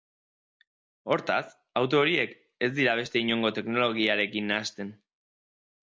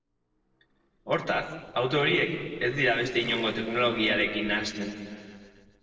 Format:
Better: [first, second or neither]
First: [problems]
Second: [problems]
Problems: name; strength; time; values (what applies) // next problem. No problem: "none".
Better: first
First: none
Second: noise reduction (neural separator model SepFormer DNS4)